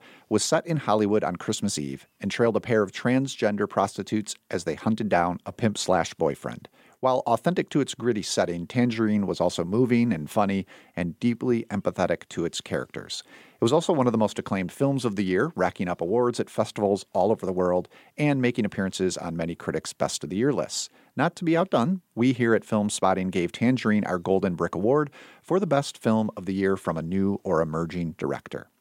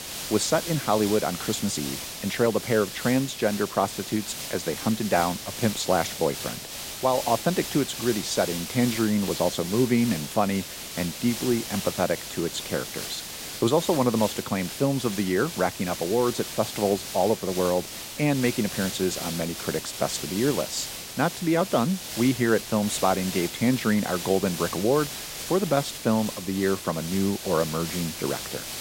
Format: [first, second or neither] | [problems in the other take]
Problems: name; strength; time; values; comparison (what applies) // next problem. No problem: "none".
first | hiss; loud; throughout; 7 dB below the speech